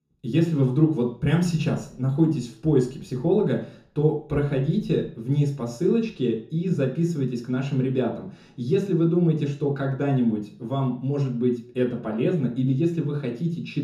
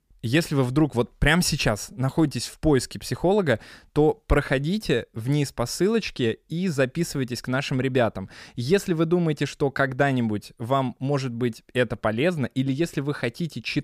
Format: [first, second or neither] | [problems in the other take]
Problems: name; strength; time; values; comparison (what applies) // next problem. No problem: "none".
second | room echo; slight; dies away in 0.6 s // off-mic speech; far